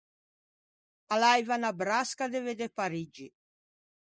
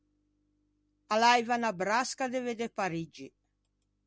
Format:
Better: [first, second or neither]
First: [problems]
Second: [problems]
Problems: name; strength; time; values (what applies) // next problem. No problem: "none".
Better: second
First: noise reduction (neural mask model Resemble Enhance denoiser)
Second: none